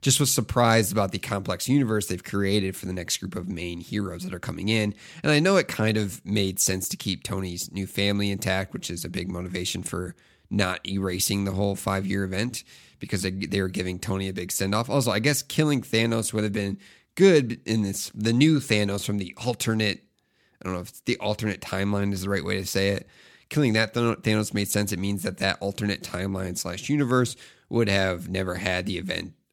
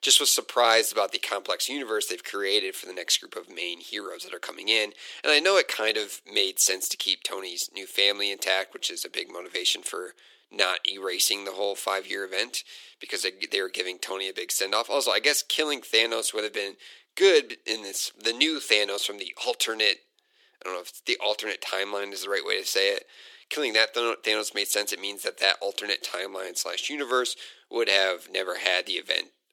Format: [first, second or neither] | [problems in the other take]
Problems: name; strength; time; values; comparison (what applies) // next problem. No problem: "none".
first | thin; very; fading below 350 Hz